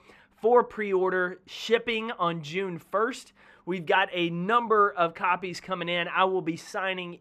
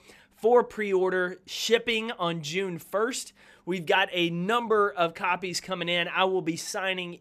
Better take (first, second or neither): second